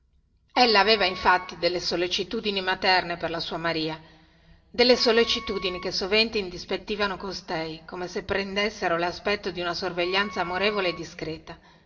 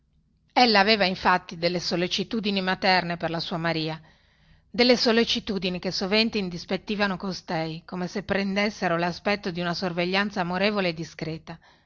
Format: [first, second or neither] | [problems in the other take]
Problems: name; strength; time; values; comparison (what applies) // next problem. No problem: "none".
second | background sound (Wind instrument, woodwind instrument); 17 dB below the speech // room echo; dies away in 0.5 s